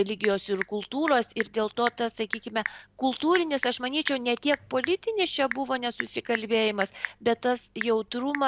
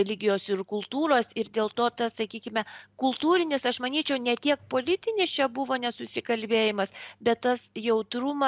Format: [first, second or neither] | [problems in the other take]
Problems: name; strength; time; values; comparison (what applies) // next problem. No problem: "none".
second | background sound (Telephone / Typing); 11 dB below the speech